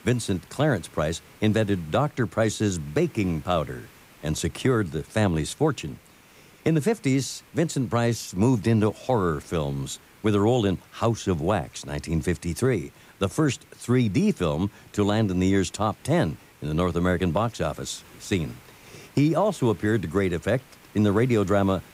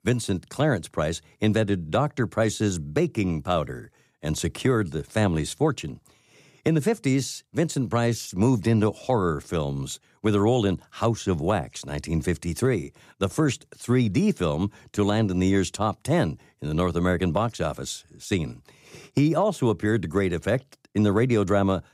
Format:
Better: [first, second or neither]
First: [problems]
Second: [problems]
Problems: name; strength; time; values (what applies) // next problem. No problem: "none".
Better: second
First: hiss; faint; throughout; 25 dB below the speech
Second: none